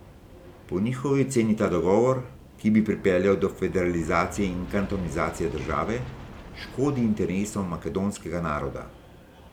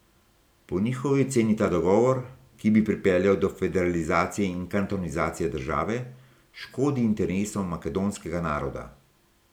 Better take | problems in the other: second | background sound (Aircraft); 16 dB below the speech

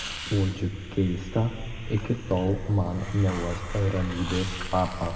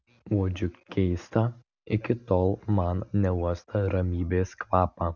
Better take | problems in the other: second | background sound (Hiss); 9 dB below the speech // room echo; dies away in 1.8 s

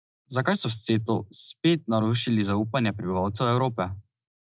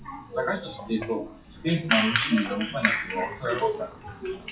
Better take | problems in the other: first | noise reduction (classical method WPE with log-MMSE)

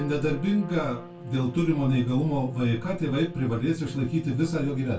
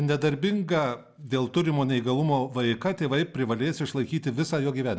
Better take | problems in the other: second | background sound (Trumpet); 16 dB below the speech // room echo; dies away in 0.2 s

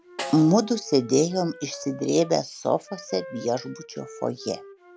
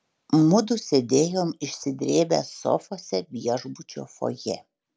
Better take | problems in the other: second | background sound (Wind instrument, woodwind instrument + Snare drum); 16 dB below the speech

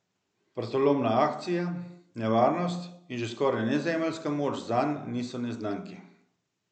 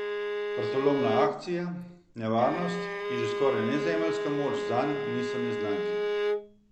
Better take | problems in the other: first | background sound (Bowed string instrument); as loud as the speech

